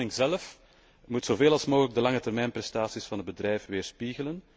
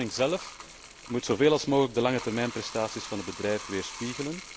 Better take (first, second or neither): first